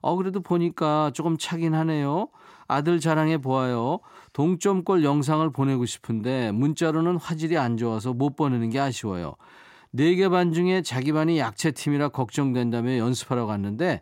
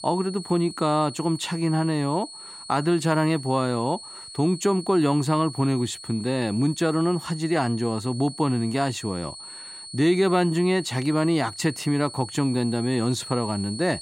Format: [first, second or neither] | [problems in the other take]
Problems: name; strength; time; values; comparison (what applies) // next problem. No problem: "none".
first | high-pitched whine; noticeable; throughout; 4.5 kHz, 15 dB below the speech